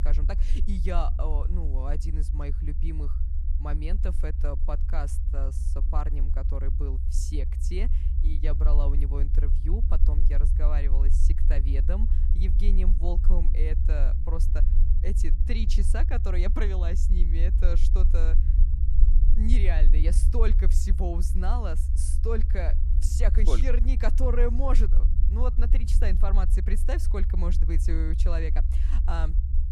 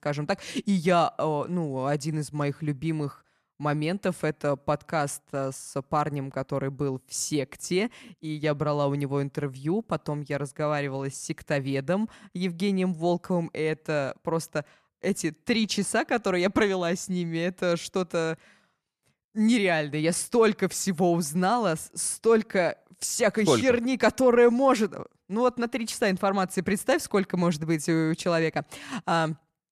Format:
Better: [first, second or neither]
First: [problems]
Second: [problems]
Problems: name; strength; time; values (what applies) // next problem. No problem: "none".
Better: second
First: low rumble; loud; throughout; 9 dB below the speech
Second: none